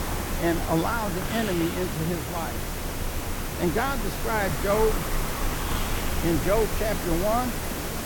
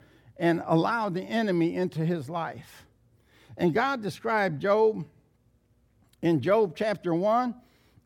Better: second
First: hiss; loud; throughout; 2 dB below the speech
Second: none

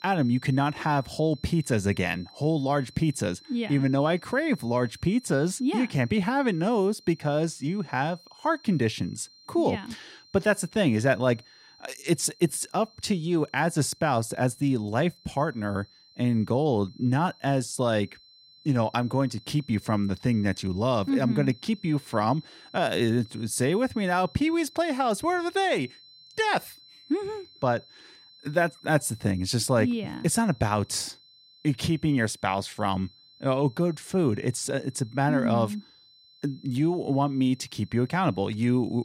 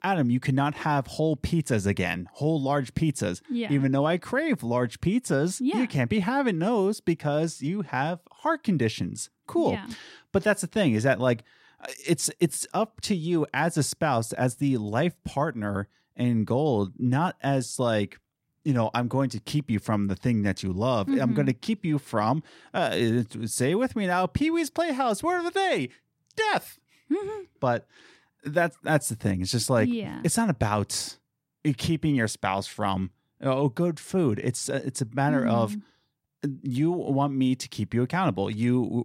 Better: second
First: high-pitched whine; faint; throughout; 4 kHz, 25 dB below the speech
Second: none

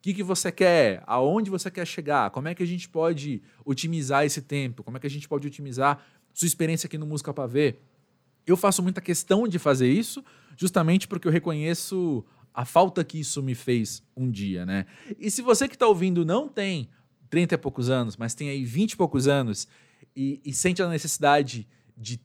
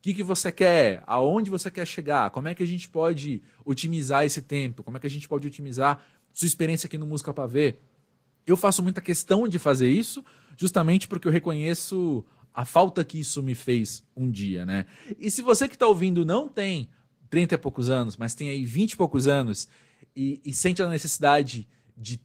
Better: first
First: none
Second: garbled, watery; slightly; nothing above 15.5 kHz

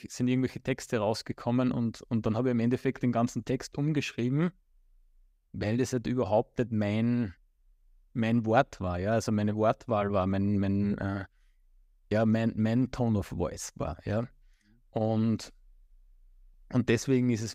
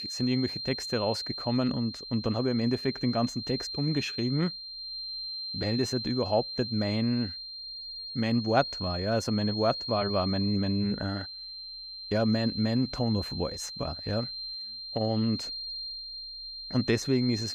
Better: first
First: none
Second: high-pitched whine; loud; throughout; 4 kHz, 6 dB below the speech

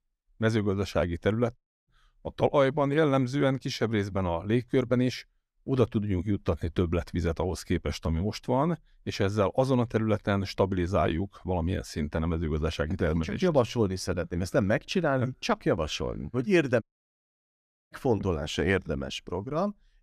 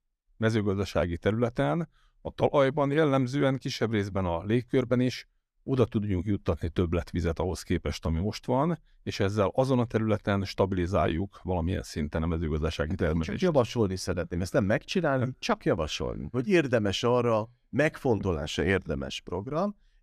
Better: second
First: audio cutting out; at 1.5 s and at 17 s for 1 s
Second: none

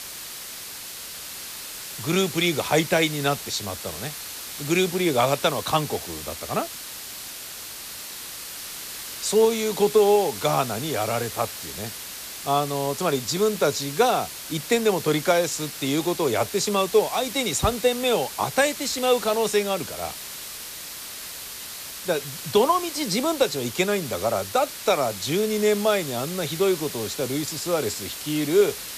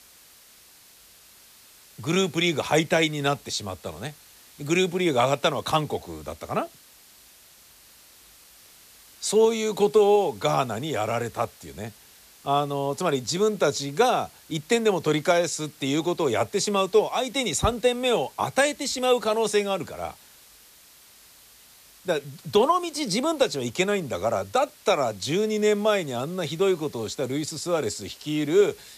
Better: second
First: hiss; loud; throughout; 9 dB below the speech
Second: hiss; faint; throughout; 25 dB below the speech

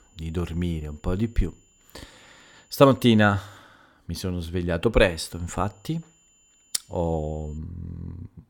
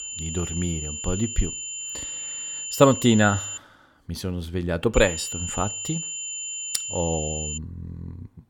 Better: first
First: high-pitched whine; faint; until 3.5 s and from 5 to 7.5 s; 7 kHz, 35 dB below the speech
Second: high-pitched whine; loud; until 3.5 s and from 5 to 7.5 s; 7 kHz, 5 dB below the speech

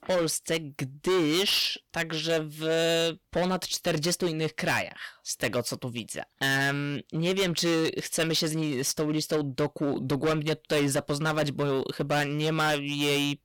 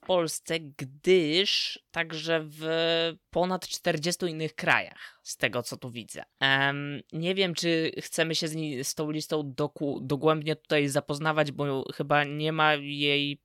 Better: second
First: distortion; heavy; 13% of the sound clipped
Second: none

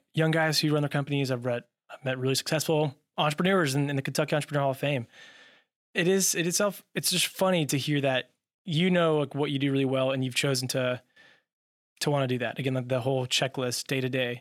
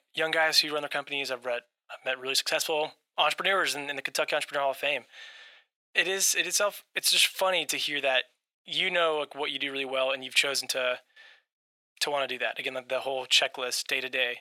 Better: first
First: none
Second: thin; very; fading below 700 Hz

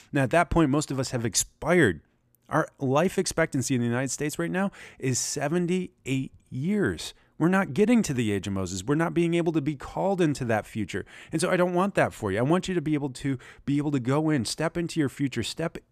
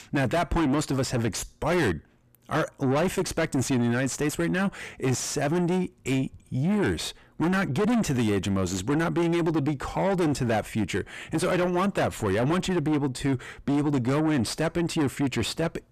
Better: first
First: none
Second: distortion; heavy; 6 dB below the speech

